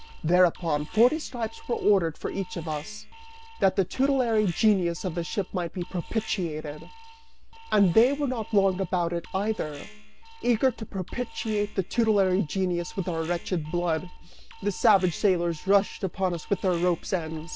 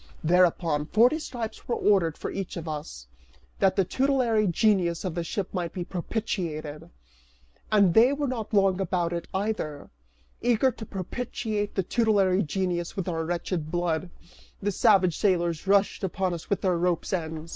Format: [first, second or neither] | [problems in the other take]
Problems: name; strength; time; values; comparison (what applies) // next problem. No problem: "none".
second | background sound (Alarm); 16 dB below the speech